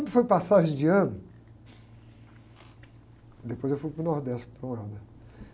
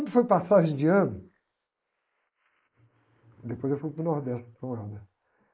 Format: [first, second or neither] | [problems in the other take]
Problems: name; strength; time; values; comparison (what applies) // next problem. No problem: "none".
first | noise reduction (neural mask model Resemble Enhance denoiser)